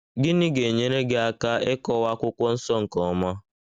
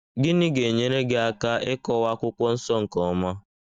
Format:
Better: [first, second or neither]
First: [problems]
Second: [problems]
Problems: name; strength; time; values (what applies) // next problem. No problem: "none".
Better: first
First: none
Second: noise reduction (neural mask model DeepFilterNet 3)